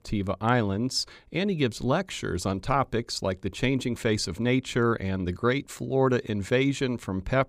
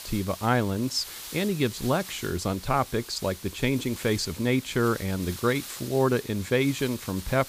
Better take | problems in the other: first | hiss; noticeable; throughout; 15 dB below the speech

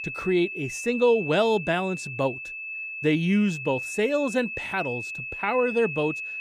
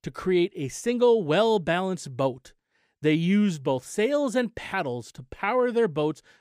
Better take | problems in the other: second | high-pitched whine; loud; throughout; 2.5 kHz, 7 dB below the speech

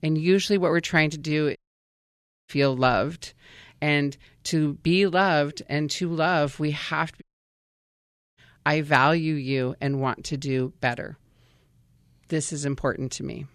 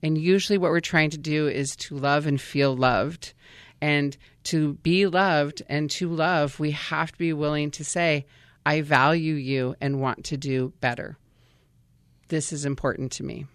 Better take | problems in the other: second | audio cutting out; at 1.5 s for 1 s and at 7 s for 1 s

